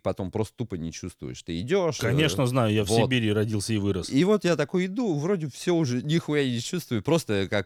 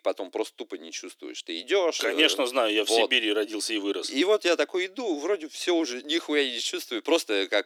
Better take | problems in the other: first | thin; somewhat; fading below 300 Hz

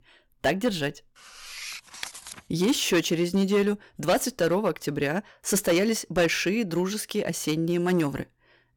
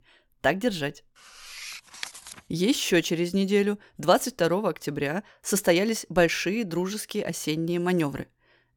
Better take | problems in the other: second | distortion; slight; 4% of the sound clipped

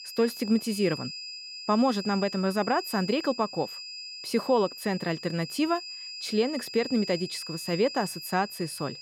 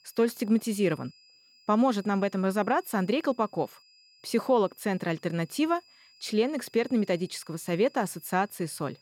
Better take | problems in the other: second | high-pitched whine; loud; throughout; 5 kHz, 9 dB below the speech; faint in the second

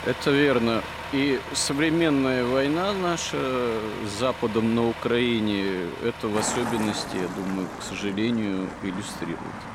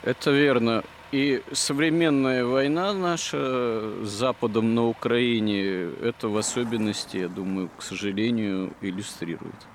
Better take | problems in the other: second | traffic noise; loud; throughout; 9 dB below the speech; faint in the second

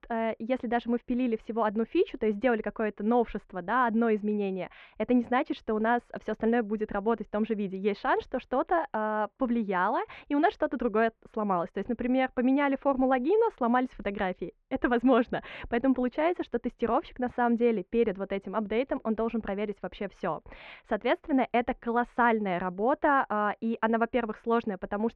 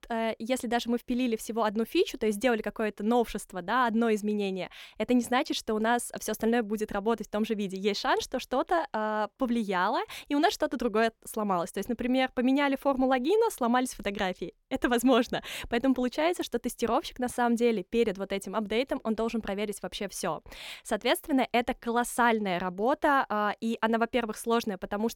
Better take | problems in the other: second | muffled; very; fading above 2 kHz

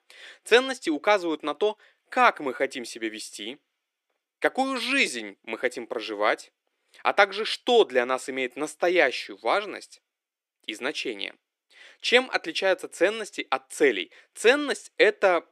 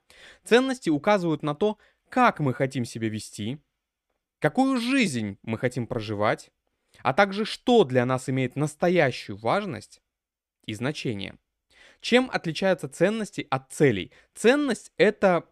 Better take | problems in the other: second | thin; somewhat; fading below 350 Hz

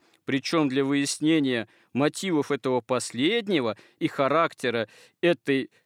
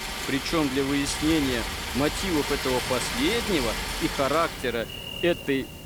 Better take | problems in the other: first | rain or running water; loud; throughout; 3 dB below the speech

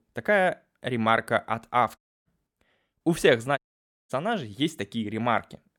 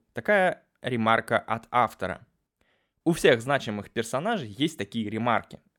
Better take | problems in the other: second | audio cutting out; at 2 s and at 3.5 s for 0.5 s

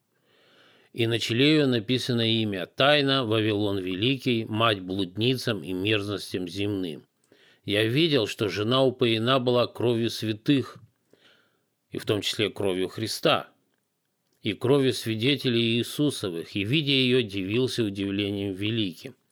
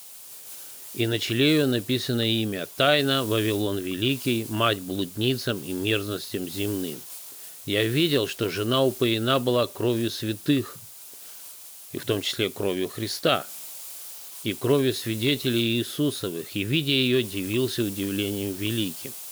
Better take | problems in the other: first | hiss; noticeable; throughout; 15 dB below the speech

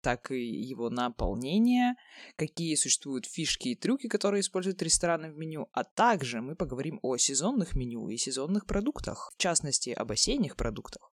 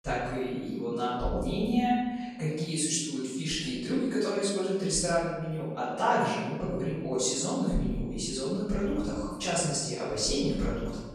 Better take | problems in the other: first | off-mic speech; far // room echo; strong; dies away in 1.1 s

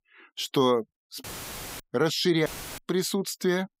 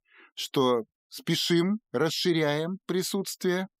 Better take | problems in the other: second | audio cutting out; filled with static; at 1 s for 0.5 s and at 2.5 s

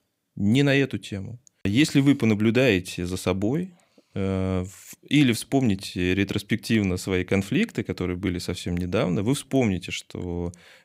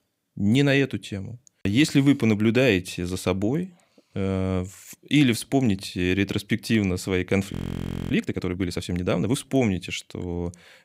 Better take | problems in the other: first | audio freezing; at 7.5 s for 0.5 s

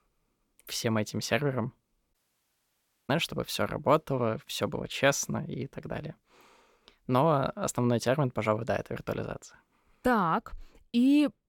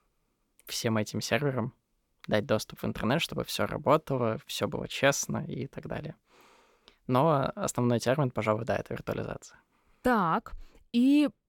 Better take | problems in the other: second | audio cutting out; at 2 s for 1 s

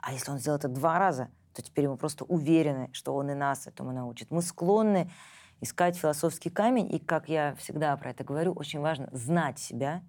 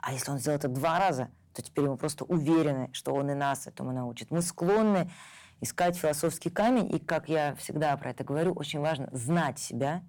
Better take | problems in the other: first | distortion; slight; 4% of the sound clipped

